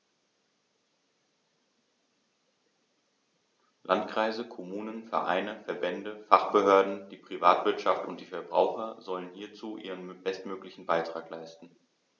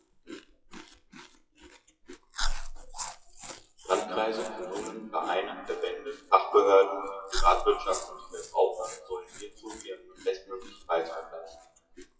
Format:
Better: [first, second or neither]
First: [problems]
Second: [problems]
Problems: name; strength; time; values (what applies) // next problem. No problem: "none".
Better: first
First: none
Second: noise reduction (classical method WPE with log-MMSE)